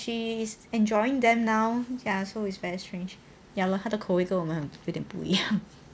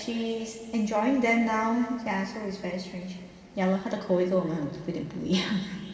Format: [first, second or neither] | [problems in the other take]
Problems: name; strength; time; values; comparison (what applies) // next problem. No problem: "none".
first | room echo; dies away in 2.1 s